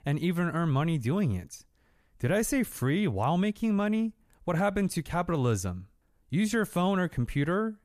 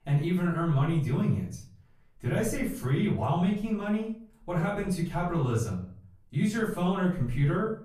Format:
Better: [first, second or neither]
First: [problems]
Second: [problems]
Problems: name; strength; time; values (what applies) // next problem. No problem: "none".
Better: first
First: none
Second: off-mic speech; far // room echo; slight; dies away in 0.4 s